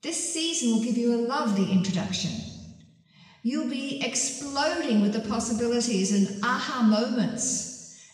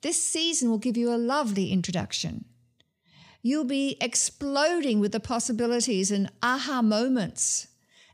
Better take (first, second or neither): second